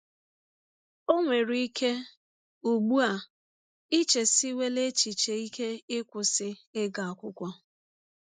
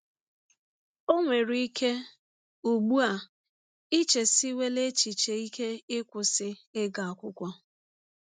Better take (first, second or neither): second